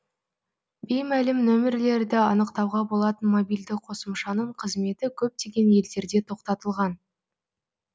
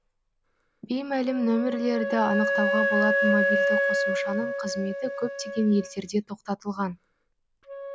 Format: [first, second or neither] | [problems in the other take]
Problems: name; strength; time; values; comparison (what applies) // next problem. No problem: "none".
first | background sound (Wind instrument, woodwind instrument); as loud as the speech